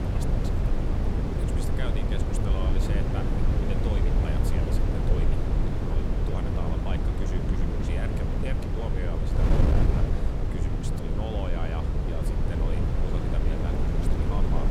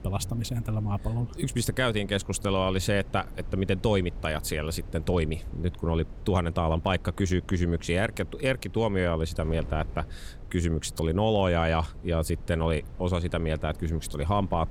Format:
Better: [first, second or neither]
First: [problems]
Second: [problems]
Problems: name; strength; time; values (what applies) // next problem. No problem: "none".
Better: second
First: wind noise on the microphone; heavy; 4 dB above the speech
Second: wind noise on the microphone; occasional gusts; 25 dB below the speech